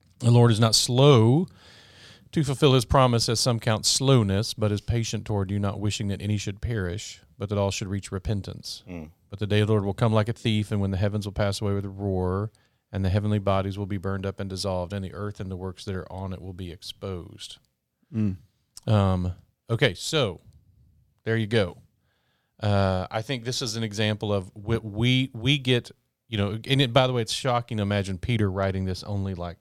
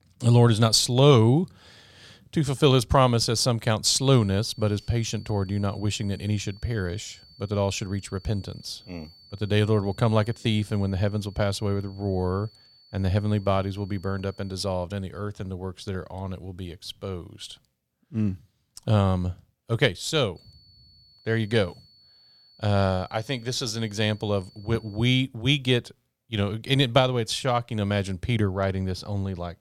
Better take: first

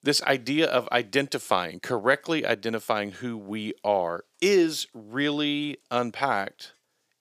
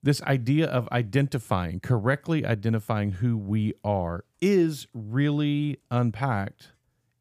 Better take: second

